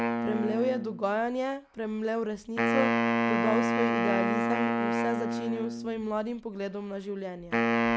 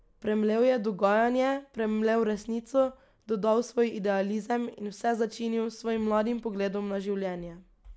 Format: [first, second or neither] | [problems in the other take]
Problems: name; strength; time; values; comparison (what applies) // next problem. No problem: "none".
second | background sound (Wind instrument, woodwind instrument); 3 dB above the speech